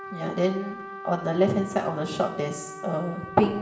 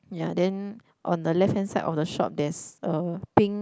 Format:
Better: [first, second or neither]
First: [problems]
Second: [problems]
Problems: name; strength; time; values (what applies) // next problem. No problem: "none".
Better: second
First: background sound (Trumpet); 13 dB below the speech // room echo; dies away in 0.8 s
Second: none